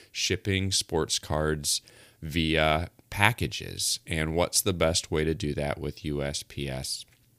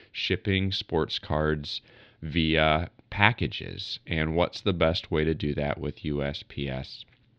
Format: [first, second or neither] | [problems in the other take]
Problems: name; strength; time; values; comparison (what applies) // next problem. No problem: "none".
first | muffled; slightly; fading above 4 kHz